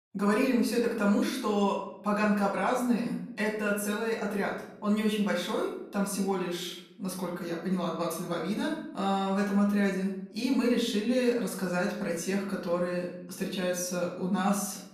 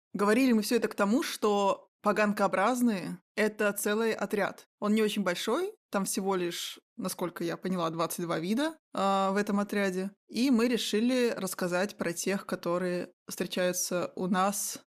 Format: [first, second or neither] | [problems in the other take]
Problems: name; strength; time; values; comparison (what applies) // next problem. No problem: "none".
second | off-mic speech; far // room echo; noticeable; dies away in 0.7 s